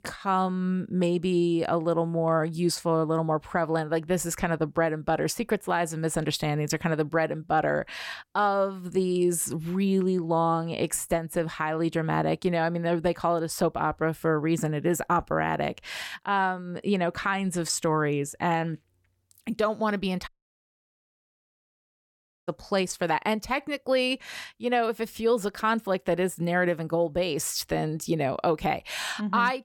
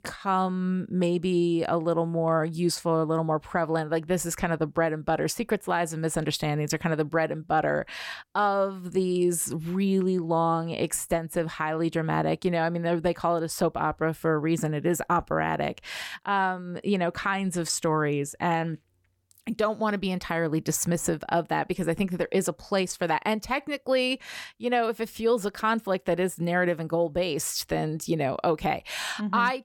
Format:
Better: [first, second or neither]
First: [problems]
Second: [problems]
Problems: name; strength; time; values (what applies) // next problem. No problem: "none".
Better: second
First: audio cutting out; at 20 s for 2 s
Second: none